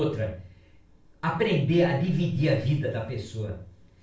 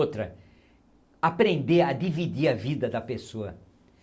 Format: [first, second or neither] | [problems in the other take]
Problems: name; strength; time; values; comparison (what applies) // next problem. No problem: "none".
second | room echo; dies away in 0.3 s